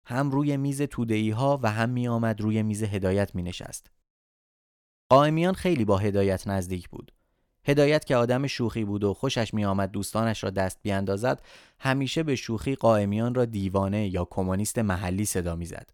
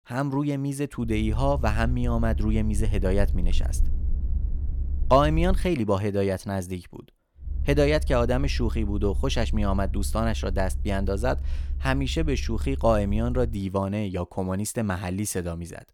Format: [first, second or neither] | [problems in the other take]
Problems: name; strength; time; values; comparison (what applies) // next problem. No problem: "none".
first | low rumble; faint; from 1 to 5.5 s and from 7.5 to 14 s; 20 dB below the speech